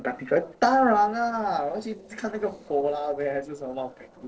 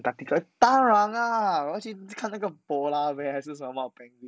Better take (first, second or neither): second